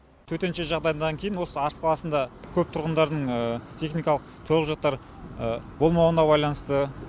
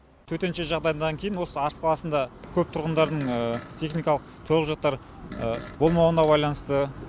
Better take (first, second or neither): first